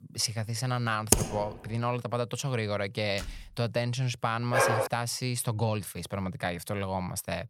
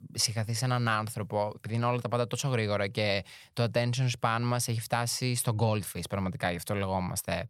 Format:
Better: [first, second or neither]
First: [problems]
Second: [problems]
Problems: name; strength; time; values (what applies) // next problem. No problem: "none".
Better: second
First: keyboard typing; loud; at 1 s; peak 6 dB above the speech // door banging; faint; at 3 s; peak 10 dB below the speech // dog barking; loud; at 4.5 s; peak 5 dB above the speech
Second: none